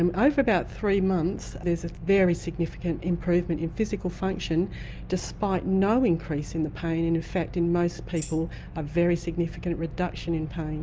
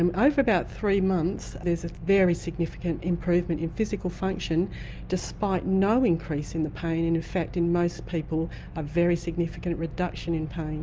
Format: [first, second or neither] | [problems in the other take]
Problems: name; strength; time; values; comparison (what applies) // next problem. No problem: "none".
second | background sound (Tambourine); 19 dB below the speech